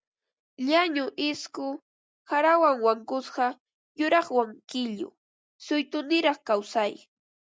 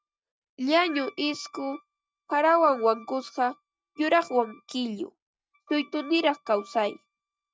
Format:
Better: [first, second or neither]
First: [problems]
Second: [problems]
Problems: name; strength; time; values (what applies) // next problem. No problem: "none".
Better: first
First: none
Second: noise reduction (neural mask model RNNoise)